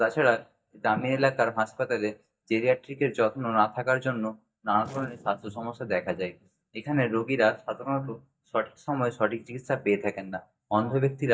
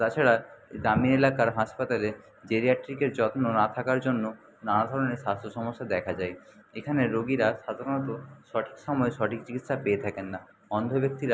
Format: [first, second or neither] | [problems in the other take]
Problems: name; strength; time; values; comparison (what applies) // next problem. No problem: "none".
second | noise reduction (neural mask model DeepFilterNet 3)